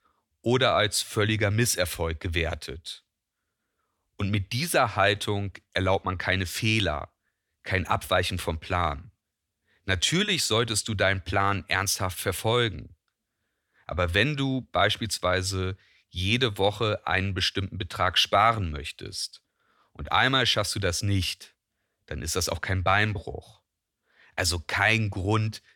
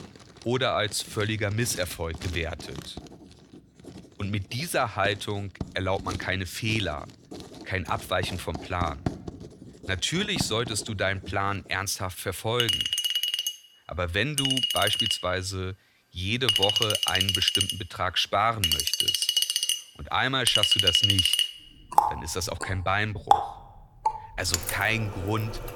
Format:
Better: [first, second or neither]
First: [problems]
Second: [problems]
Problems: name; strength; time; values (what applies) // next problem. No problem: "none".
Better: first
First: none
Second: household noises; very loud; throughout; 4 dB above the speech